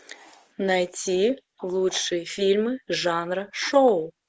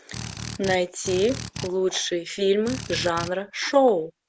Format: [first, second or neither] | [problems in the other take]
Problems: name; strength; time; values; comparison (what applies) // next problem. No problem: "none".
first | background sound (Drill); 10 dB below the speech